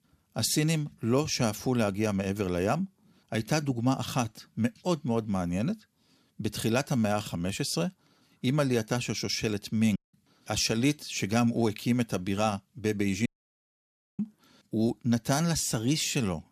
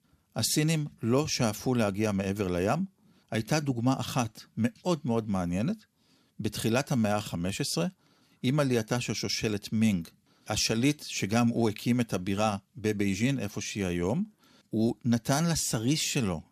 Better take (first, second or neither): second